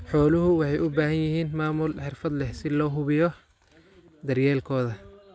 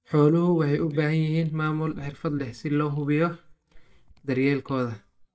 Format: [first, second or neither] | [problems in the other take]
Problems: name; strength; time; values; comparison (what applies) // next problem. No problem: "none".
first | noise reduction (neural mask model DeepFilterNet 3)